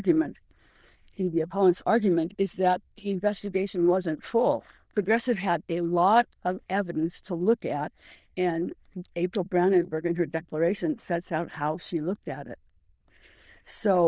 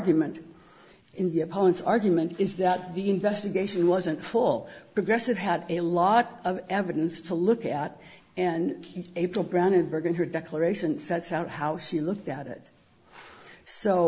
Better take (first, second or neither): second